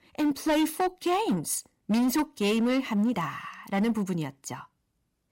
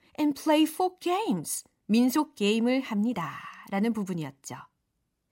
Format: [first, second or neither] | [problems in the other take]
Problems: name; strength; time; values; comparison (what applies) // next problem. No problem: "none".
second | distortion; slight; 11% of the sound clipped